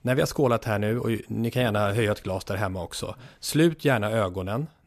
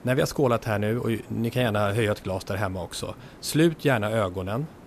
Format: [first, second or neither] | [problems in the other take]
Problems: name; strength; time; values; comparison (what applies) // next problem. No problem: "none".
first | hiss; faint; throughout; 25 dB below the speech